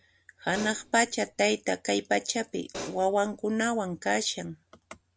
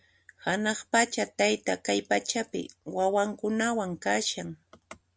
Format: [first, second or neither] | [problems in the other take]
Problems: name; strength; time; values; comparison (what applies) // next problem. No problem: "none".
second | background sound (Hi-hat); 14 dB below the speech